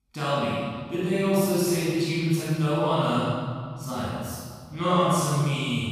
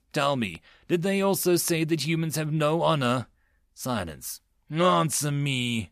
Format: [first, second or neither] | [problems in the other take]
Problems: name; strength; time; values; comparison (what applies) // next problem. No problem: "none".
second | room echo; strong; dies away in 1.7 s // off-mic speech; far